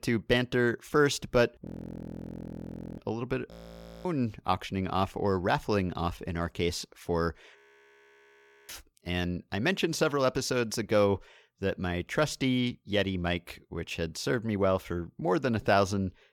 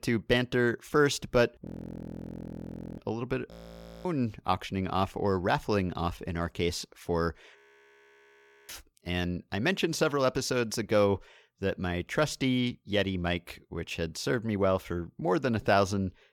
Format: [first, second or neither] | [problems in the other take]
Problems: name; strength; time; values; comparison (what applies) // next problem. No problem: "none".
neither | audio freezing; at 1.5 s for 1.5 s, at 3.5 s for 0.5 s and at 7.5 s for 1 s; the same in both